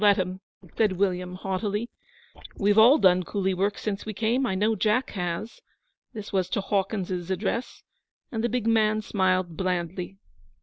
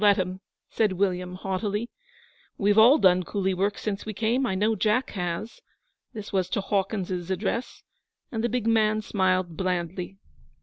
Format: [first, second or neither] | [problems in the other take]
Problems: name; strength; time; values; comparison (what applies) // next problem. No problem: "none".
second | noise reduction (neural mask model Resemble Enhance denoiser)